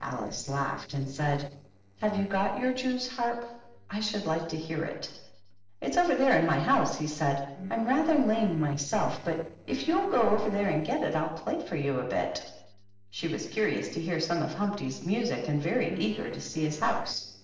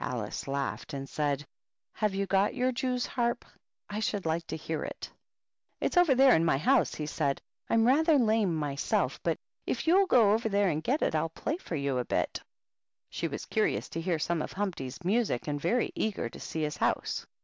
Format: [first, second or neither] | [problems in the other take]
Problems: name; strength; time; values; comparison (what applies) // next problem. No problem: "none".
second | noise reduction (neural separator model SepFormer DNS4)